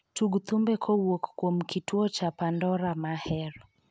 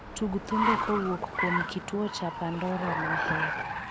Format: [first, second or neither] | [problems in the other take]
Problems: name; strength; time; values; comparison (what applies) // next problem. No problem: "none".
first | background sound (Car); as loud as the speech